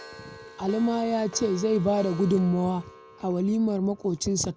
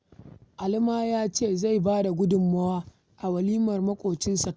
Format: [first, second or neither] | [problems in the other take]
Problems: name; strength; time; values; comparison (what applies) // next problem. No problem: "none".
second | background sound (Clock); 19 dB below the speech